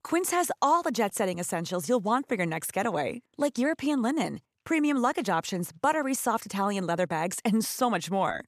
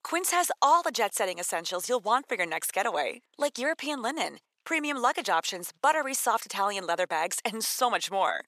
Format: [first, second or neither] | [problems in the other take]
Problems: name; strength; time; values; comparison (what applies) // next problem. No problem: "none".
first | thin; somewhat; fading below 550 Hz